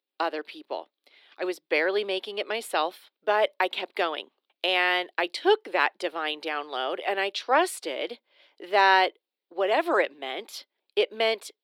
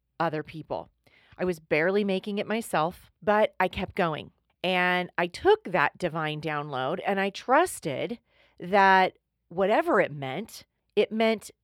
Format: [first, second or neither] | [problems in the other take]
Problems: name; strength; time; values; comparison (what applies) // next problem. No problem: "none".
second | thin; very; fading below 300 Hz